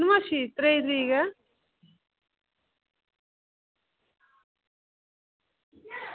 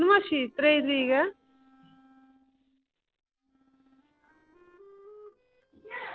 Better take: first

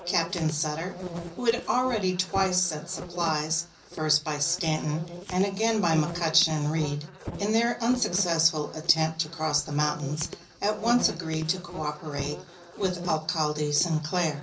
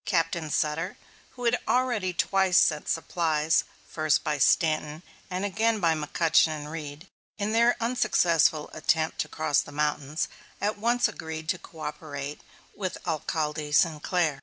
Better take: second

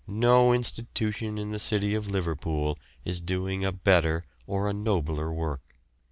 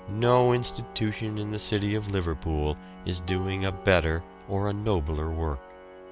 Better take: first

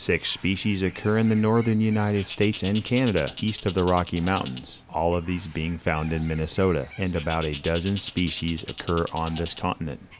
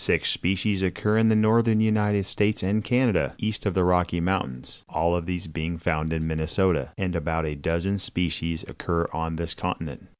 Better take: second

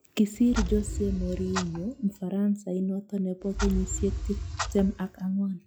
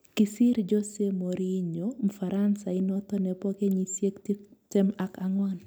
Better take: second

